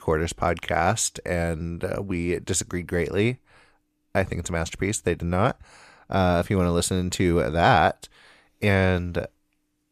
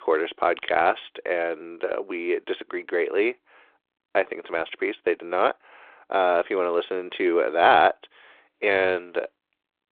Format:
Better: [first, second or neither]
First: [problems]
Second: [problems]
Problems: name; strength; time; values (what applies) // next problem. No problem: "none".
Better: first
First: none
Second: phone-call audio; nothing above 3.5 kHz